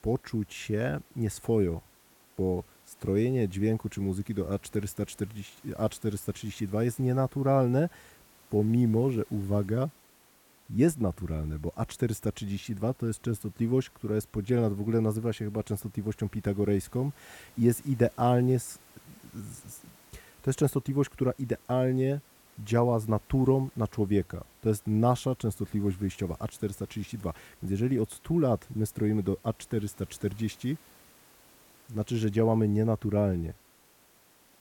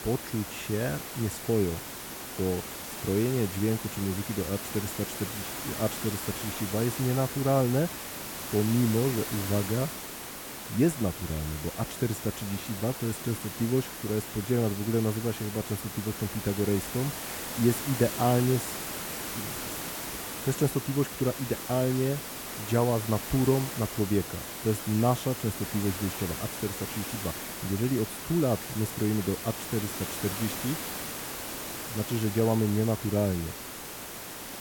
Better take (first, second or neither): first